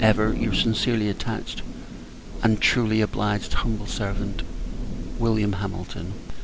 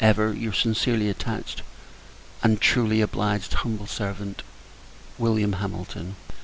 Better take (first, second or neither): second